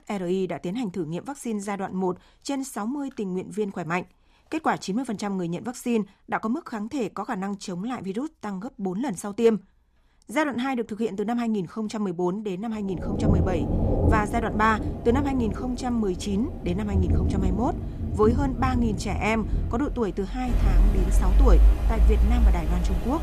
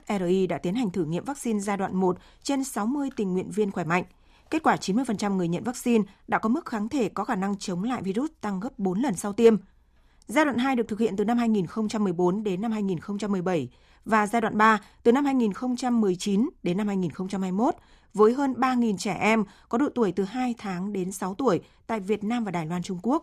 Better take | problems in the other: second | rain or running water; very loud; from 13 s on; 2 dB above the speech

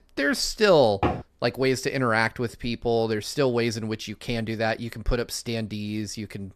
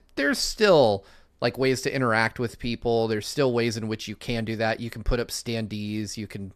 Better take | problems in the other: second | door banging; noticeable; at 1 s; peak 2 dB below the speech

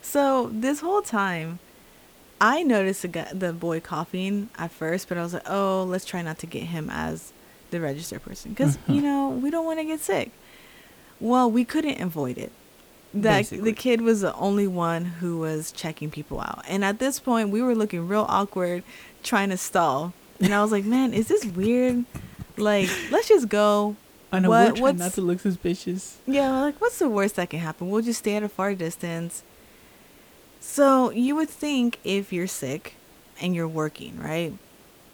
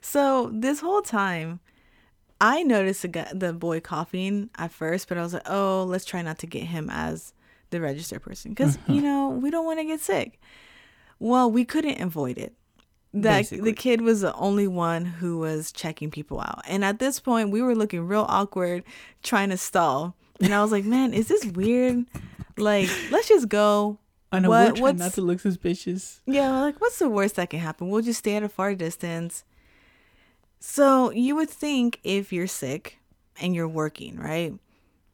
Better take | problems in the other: second | hiss; faint; throughout; 25 dB below the speech

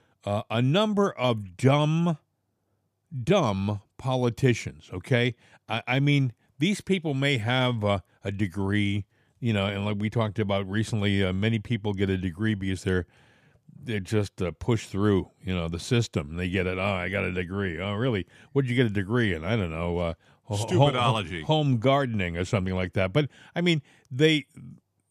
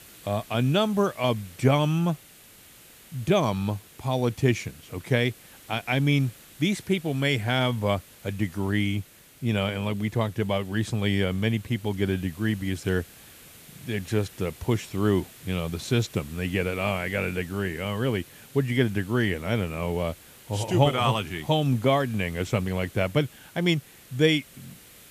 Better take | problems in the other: first | hiss; faint; throughout; 20 dB below the speech

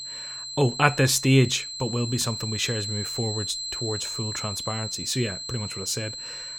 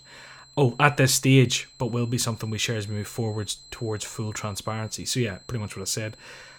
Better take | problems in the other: second | high-pitched whine; loud; throughout; 4 kHz, 6 dB below the speech; faint in the second

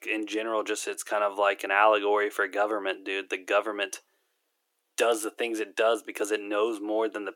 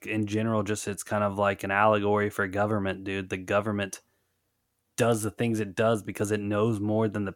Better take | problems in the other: second | thin; very; fading below 350 Hz

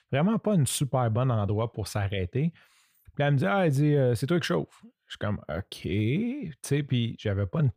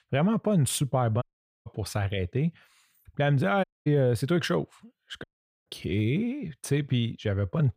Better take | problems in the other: first | audio cutting out; at 1 s, at 3.5 s and at 5 s

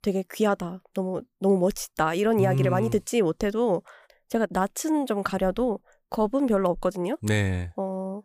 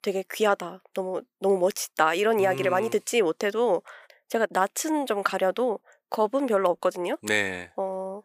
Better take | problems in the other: first | thin; somewhat; fading below 350 Hz

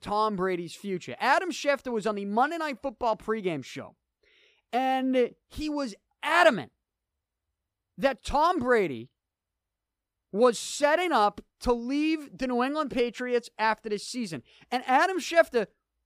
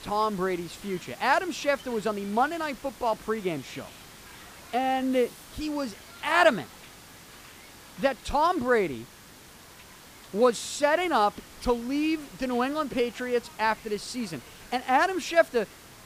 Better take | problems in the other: first | hiss; noticeable; throughout; 20 dB below the speech

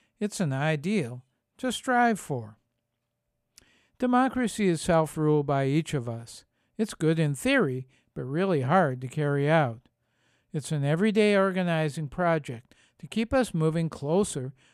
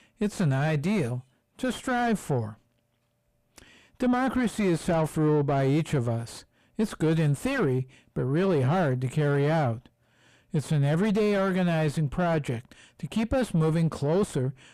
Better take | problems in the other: first | distortion; heavy; 6 dB below the speech

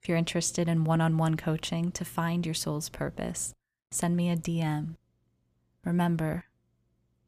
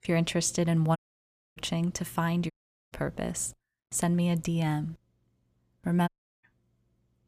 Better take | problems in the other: first | audio cutting out; at 1 s for 0.5 s, at 2.5 s and at 6 s

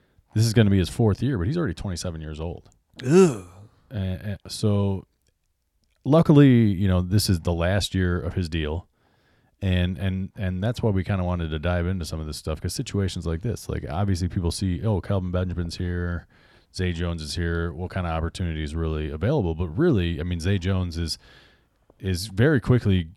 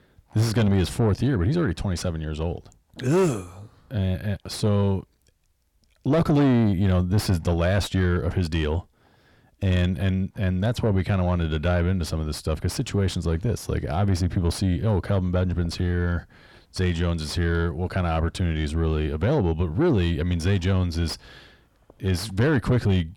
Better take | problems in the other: first | distortion; heavy; 8 dB below the speech

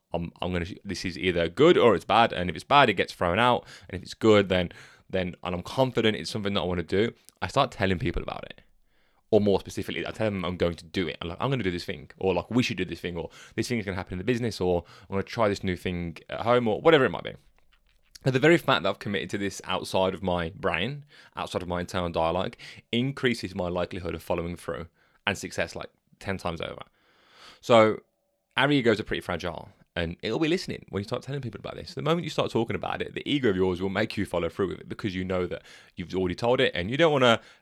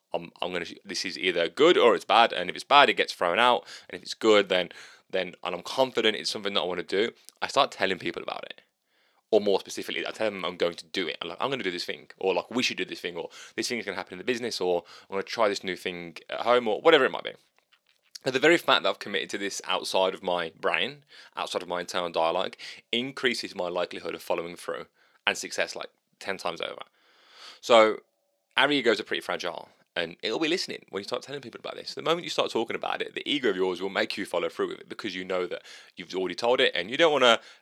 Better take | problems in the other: first | thin; somewhat; fading below 350 Hz

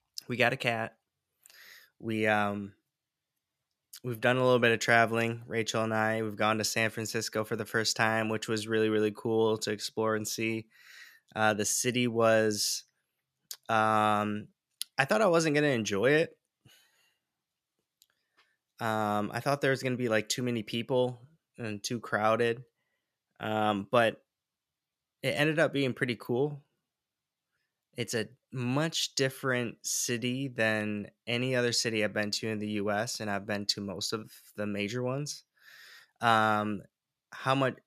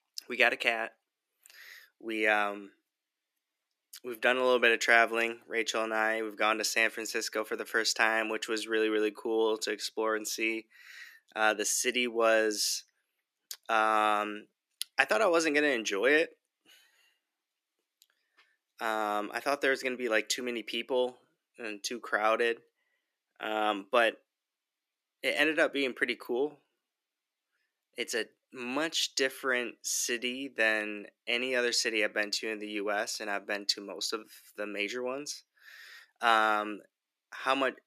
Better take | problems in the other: first | thin; somewhat; fading below 300 Hz

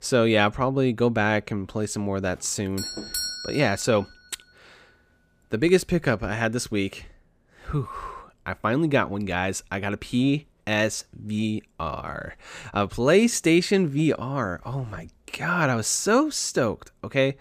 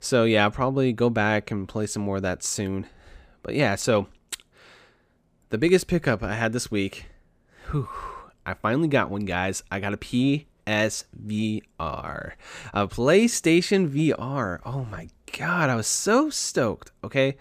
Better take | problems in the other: second | doorbell; noticeable; from 3 to 4 s; peak 3 dB below the speech

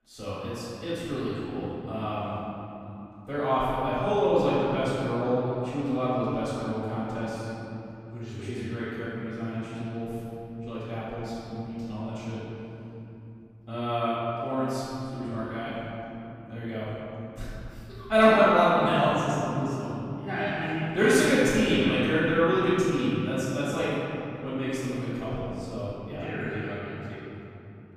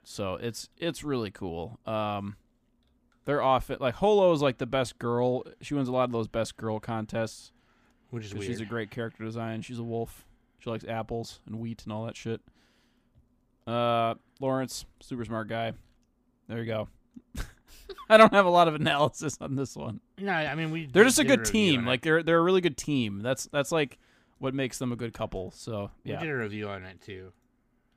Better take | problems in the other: second | off-mic speech; far // room echo; strong; dies away in 3 s

